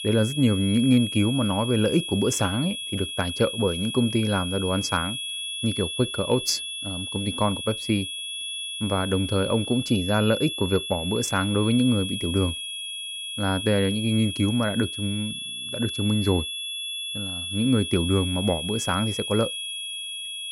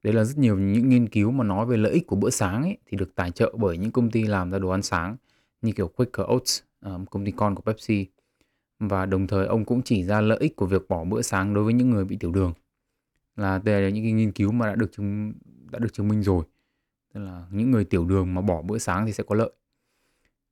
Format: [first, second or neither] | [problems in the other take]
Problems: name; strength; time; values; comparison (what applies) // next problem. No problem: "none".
second | high-pitched whine; loud; throughout; 3.5 kHz, 5 dB below the speech